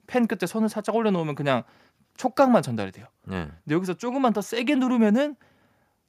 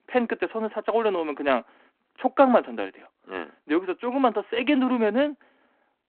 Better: first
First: none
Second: phone-call audio

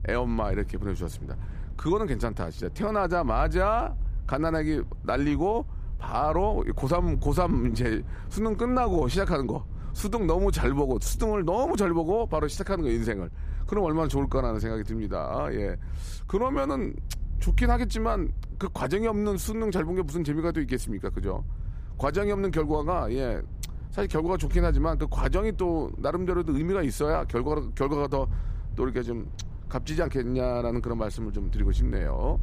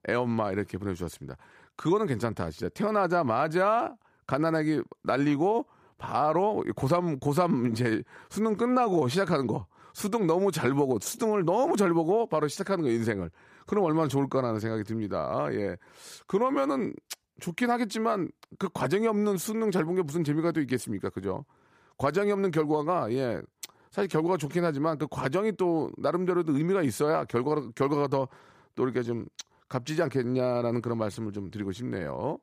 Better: second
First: low rumble; faint; throughout; 25 dB below the speech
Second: none

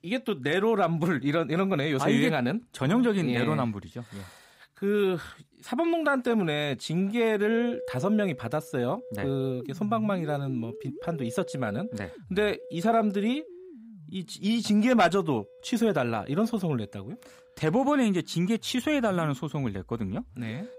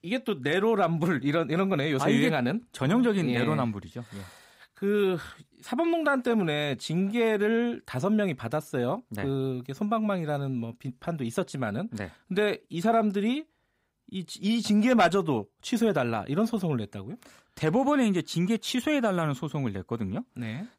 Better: second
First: background music; noticeable; throughout; 15 dB below the speech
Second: none

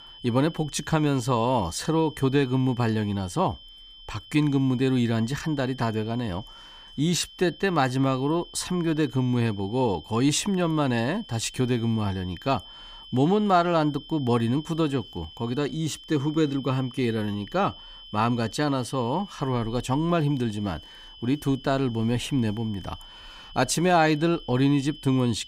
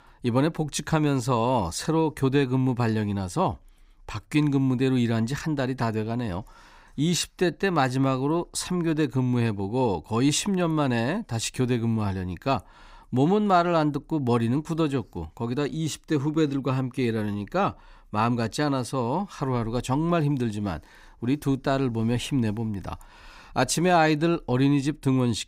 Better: second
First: high-pitched whine; noticeable; throughout; 3 kHz, 20 dB below the speech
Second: none

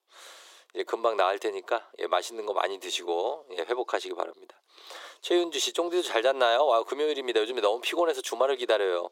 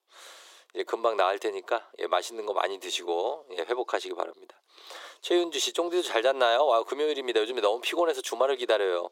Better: neither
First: thin; very; fading below 350 Hz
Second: thin; very; fading below 350 Hz

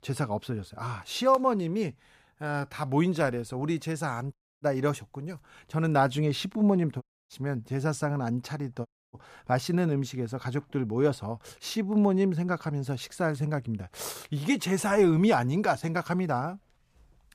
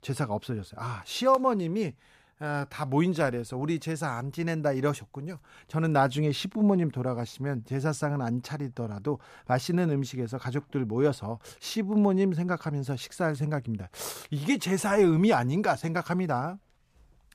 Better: second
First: audio cutting out; at 4.5 s, at 7 s and at 9 s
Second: none

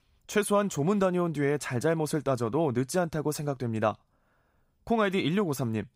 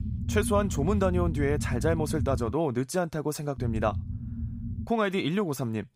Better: first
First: none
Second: low rumble; noticeable; until 2.5 s and from 3.5 to 5 s; 15 dB below the speech

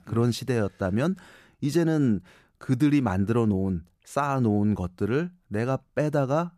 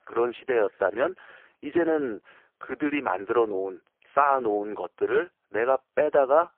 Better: first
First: none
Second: phone-call audio; poor line

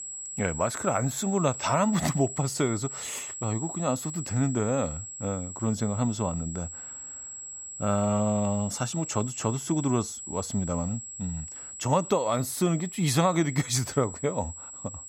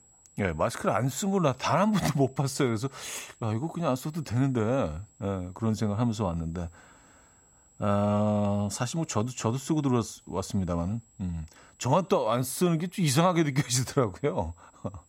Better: second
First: high-pitched whine; loud; throughout; 7.5 kHz, 8 dB below the speech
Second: high-pitched whine; faint; throughout; 7.5 kHz, 30 dB below the speech

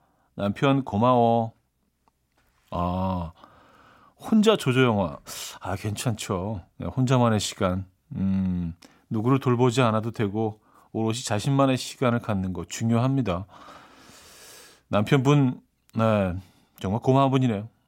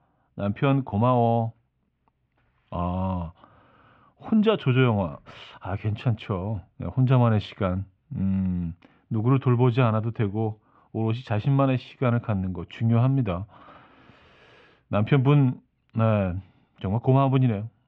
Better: first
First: none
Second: muffled; very; fading above 3 kHz

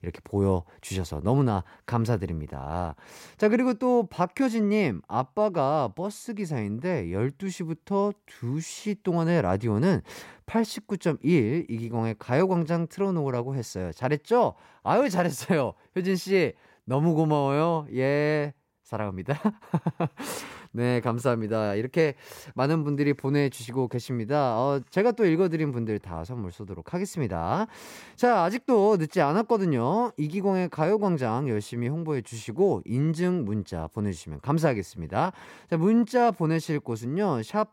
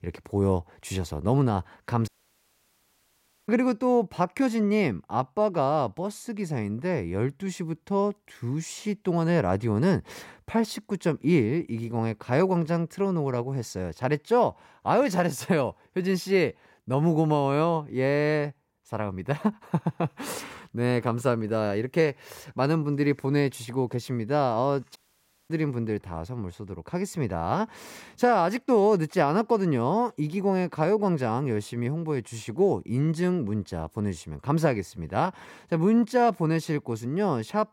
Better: first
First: none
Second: audio cutting out; at 2 s for 1.5 s and at 25 s for 0.5 s

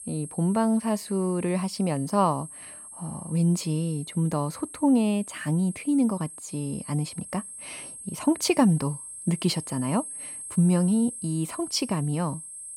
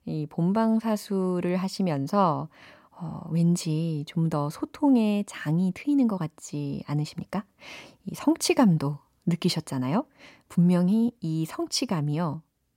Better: second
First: high-pitched whine; noticeable; throughout; 8.5 kHz, 10 dB below the speech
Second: none

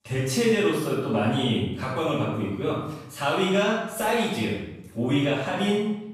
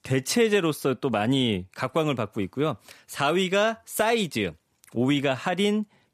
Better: second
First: off-mic speech; far // room echo; strong; dies away in 0.8 s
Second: none

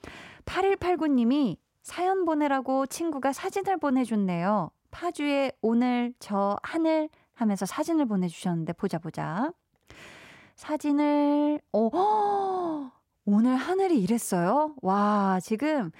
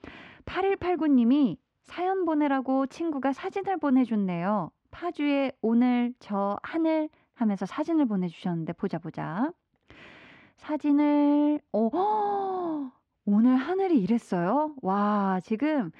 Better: first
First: none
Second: muffled; slightly; fading above 3 kHz

